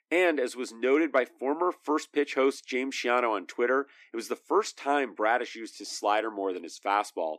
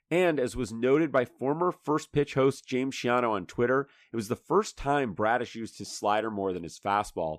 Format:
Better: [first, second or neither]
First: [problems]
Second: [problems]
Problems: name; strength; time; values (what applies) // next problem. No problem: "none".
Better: second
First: thin; very slightly; fading below 300 Hz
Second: none